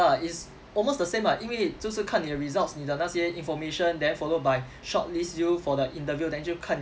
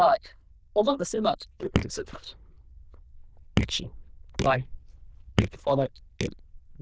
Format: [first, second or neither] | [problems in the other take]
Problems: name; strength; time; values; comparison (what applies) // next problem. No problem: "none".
first | noise reduction (neural diffusion model UNIVERSE++)